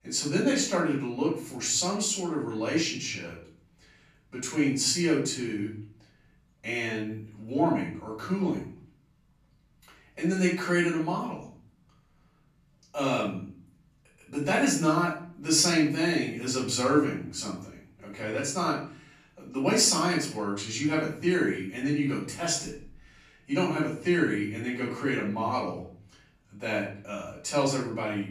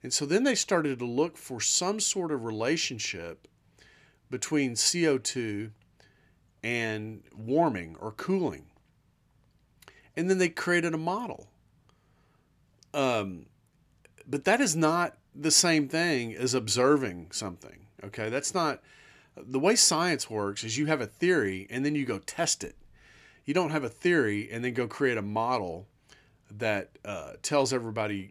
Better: second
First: off-mic speech; far // room echo; noticeable; dies away in 0.4 s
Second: none

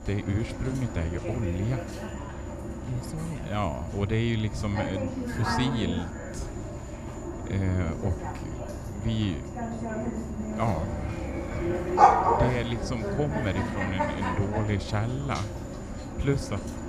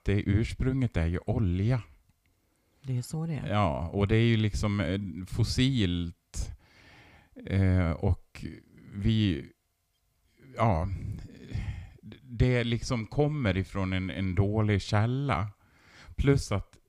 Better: second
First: animal sounds; loud; throughout; as loud as the speech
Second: none

